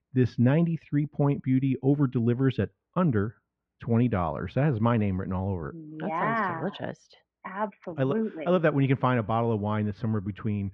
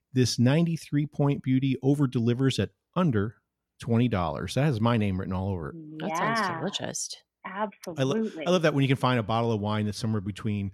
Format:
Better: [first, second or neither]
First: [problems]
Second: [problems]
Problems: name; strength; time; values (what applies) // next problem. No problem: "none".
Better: second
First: muffled; very; fading above 2 kHz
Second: none